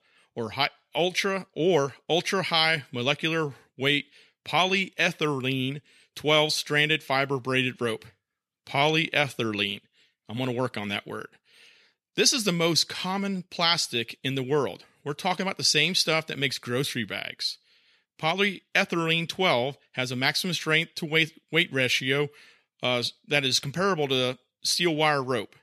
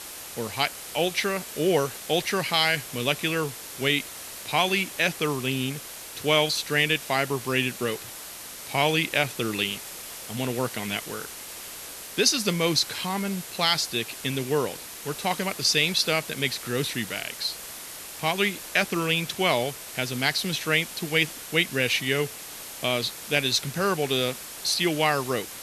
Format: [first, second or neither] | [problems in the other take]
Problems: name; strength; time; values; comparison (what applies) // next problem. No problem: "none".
first | hiss; noticeable; throughout; 10 dB below the speech